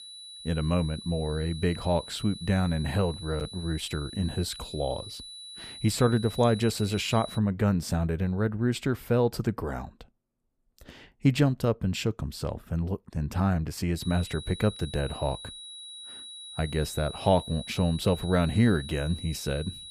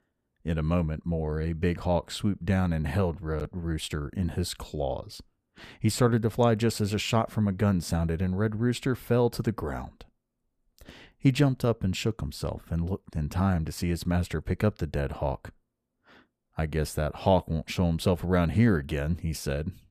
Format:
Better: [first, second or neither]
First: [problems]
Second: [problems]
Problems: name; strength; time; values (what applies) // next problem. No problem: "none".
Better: second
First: high-pitched whine; noticeable; until 7.5 s and from 14 s on; 4 kHz, 15 dB below the speech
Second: none